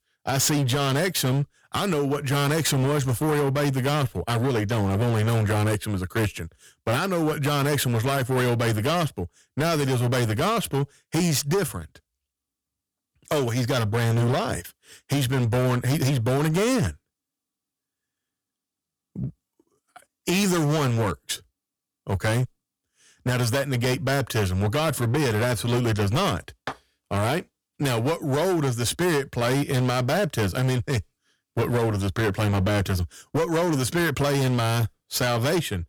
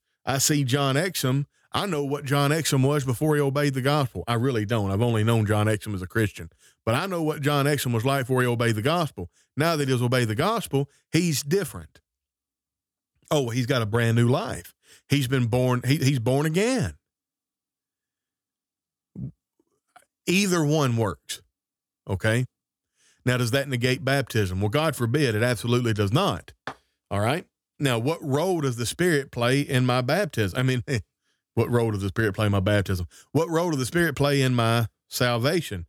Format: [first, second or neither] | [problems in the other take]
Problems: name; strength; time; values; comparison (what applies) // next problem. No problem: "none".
second | distortion; heavy; 19% of the sound clipped